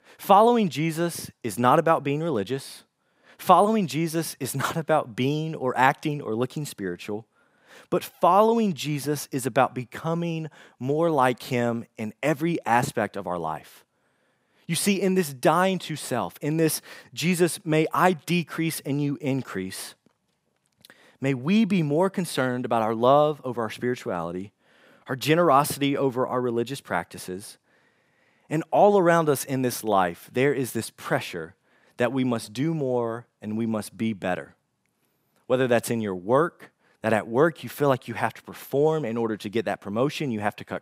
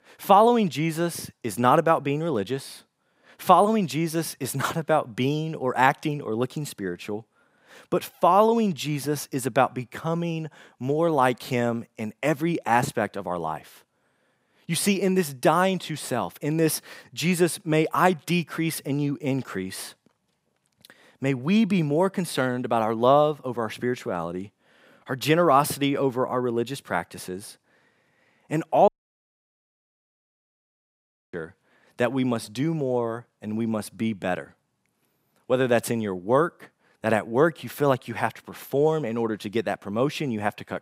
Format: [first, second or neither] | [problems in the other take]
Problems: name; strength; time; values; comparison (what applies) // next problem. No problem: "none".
first | audio cutting out; at 29 s for 2.5 s